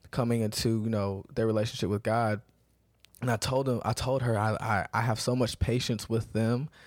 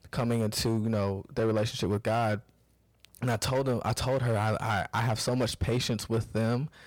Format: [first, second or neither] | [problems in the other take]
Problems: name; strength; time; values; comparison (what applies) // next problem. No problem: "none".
first | distortion; slight; 14% of the sound clipped